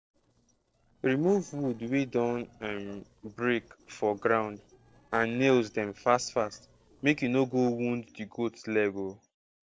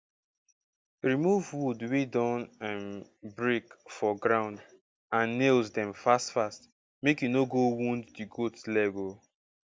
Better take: second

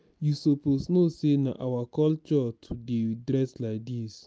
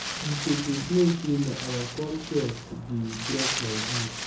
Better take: first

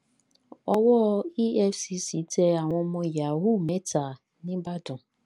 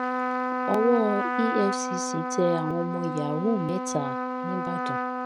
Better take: first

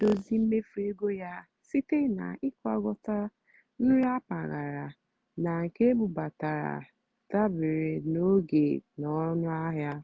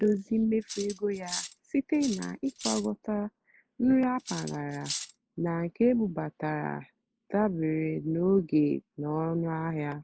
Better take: first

